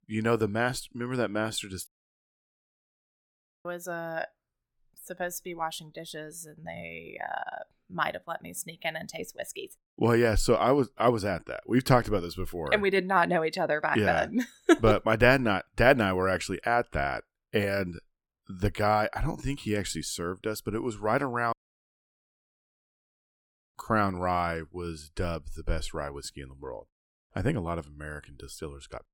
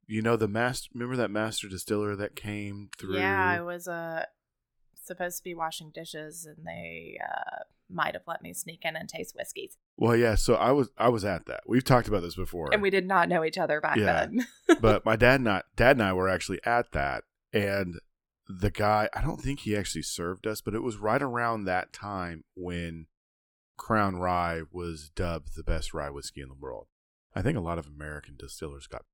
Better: second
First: audio cutting out; at 2 s for 2 s and at 22 s for 1.5 s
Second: none

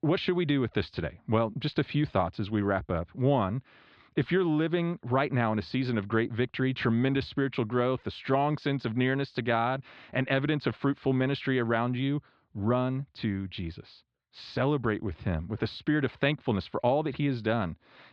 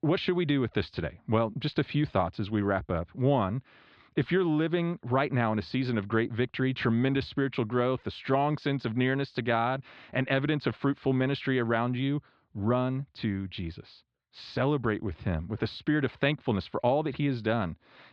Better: neither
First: muffled; slightly; fading above 4 kHz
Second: muffled; slightly; fading above 4 kHz

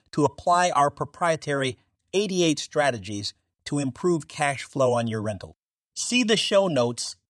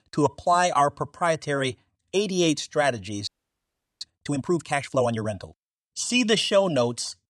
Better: first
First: none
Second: audio freezing; at 3.5 s for 0.5 s

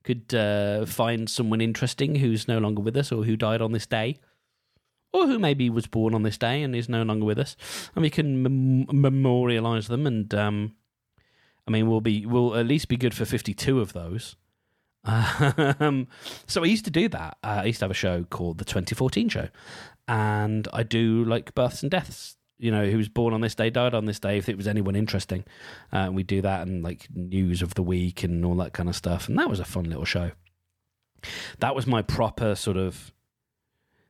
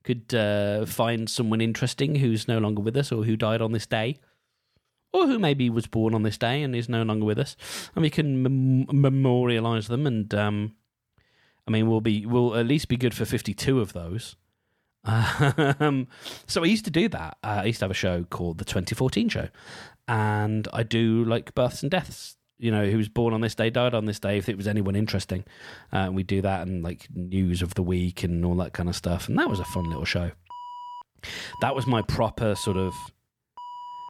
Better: first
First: none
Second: alarm; faint; from 29 s on; peak 15 dB below the speech

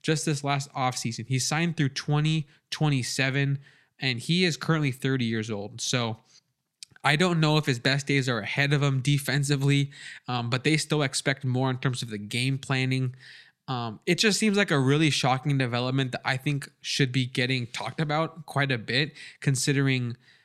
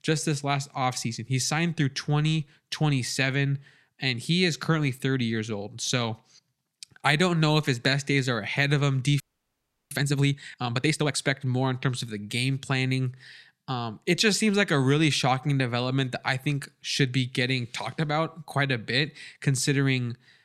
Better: first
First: none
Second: audio freezing; at 9 s for 0.5 s

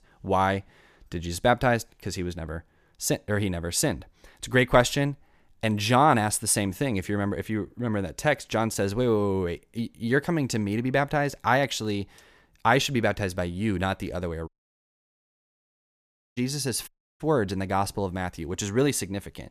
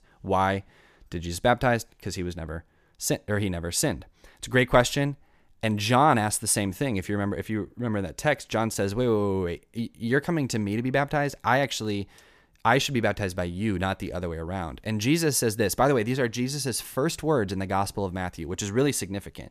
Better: second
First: audio cutting out; at 14 s for 2 s and at 17 s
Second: none

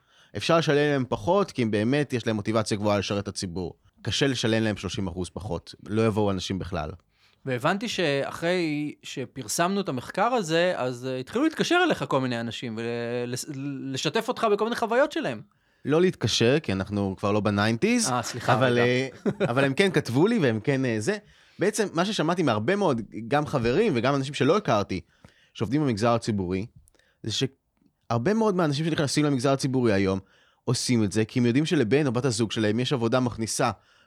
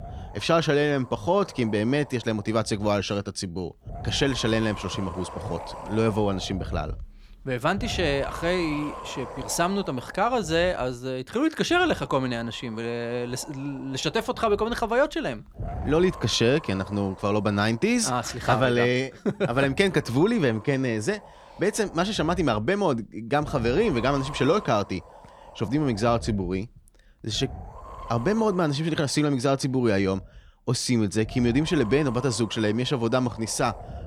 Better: first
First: none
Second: wind noise on the microphone; occasional gusts; 15 dB below the speech

